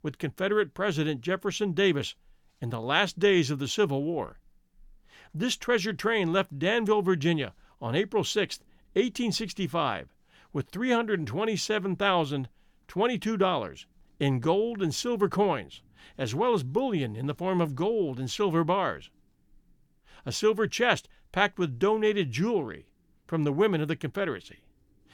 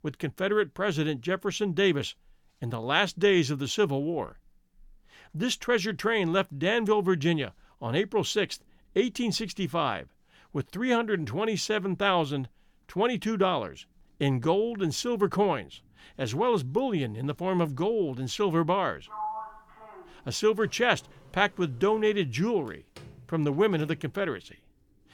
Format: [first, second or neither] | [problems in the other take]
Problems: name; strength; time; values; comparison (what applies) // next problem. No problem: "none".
first | door banging; noticeable; from 19 to 24 s; peak 7 dB below the speech